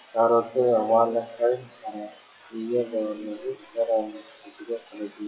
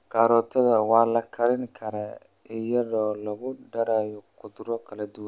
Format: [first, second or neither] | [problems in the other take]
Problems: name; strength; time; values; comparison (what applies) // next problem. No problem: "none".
second | noise reduction (classical method WPE with log-MMSE)